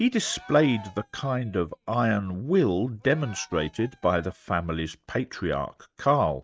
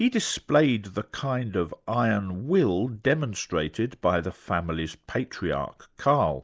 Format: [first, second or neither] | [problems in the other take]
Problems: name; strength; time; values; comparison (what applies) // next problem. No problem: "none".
second | noise reduction (neural mask model RNNoise)